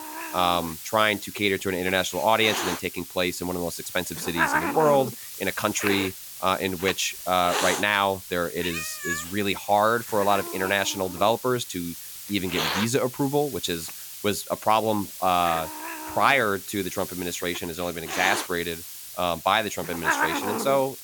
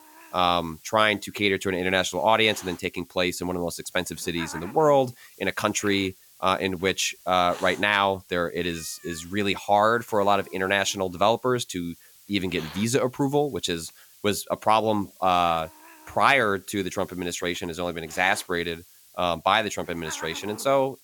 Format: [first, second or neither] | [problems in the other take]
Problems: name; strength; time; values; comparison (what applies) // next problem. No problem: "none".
second | hiss; loud; throughout; 6 dB below the speech; faint in the second